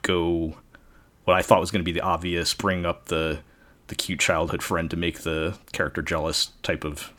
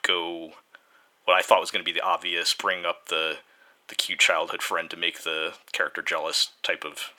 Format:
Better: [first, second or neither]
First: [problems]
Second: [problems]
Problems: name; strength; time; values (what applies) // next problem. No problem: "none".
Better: first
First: none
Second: thin; very; fading below 650 Hz